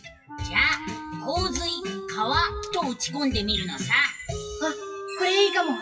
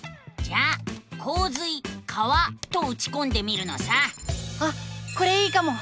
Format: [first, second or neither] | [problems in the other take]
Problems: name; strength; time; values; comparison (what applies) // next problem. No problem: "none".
second | noise reduction (classical method WPE with log-MMSE)